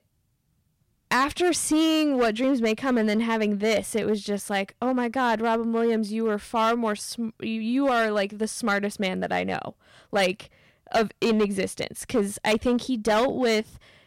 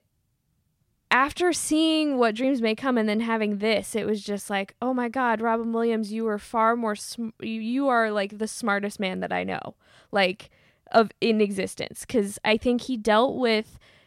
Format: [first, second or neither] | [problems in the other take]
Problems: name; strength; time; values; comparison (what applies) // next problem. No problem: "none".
second | distortion; slight; 6% of the sound clipped